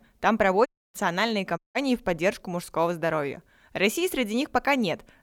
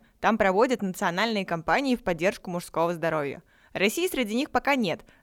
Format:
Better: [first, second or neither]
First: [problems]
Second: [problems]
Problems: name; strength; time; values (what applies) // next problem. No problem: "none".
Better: second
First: audio cutting out; at 0.5 s and at 1.5 s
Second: none